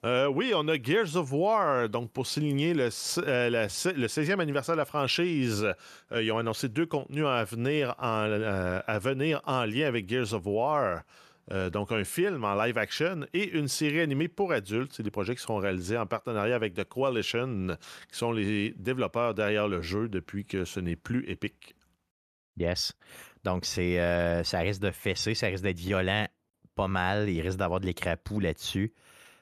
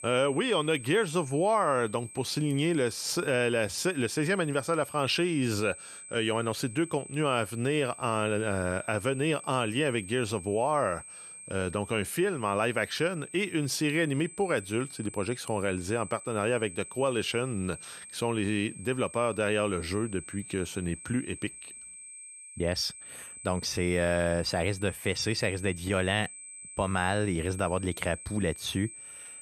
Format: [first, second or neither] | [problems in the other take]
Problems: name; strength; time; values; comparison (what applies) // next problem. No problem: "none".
first | high-pitched whine; noticeable; throughout; 8 kHz, 15 dB below the speech